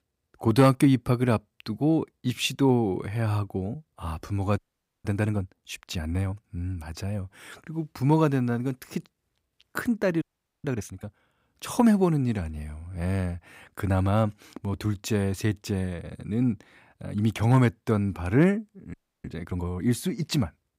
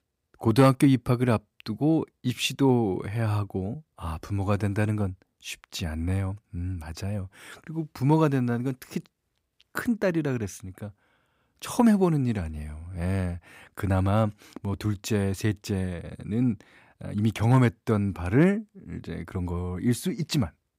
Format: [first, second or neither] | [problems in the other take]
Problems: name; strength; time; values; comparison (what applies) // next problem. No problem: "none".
second | audio freezing; at 4.5 s, at 10 s and at 19 s